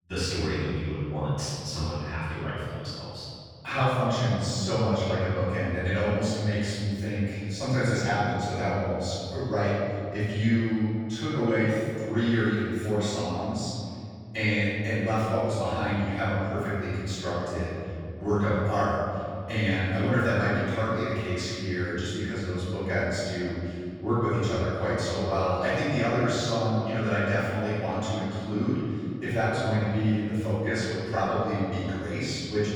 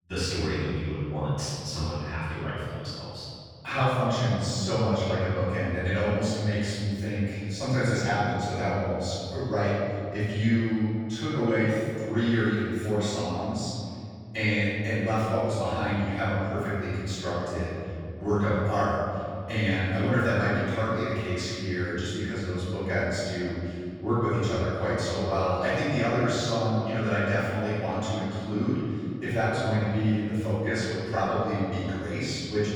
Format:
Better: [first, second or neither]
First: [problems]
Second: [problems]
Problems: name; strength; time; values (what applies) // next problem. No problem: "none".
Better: neither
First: off-mic speech; far // room echo; strong; dies away in 2.4 s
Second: off-mic speech; far // room echo; strong; dies away in 2.4 s